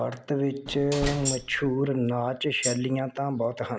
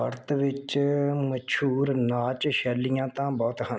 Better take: second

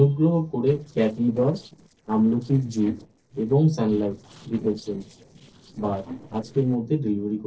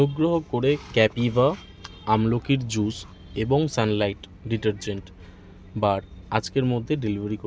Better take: second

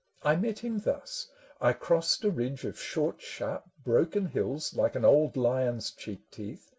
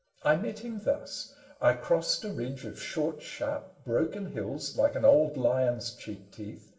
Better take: first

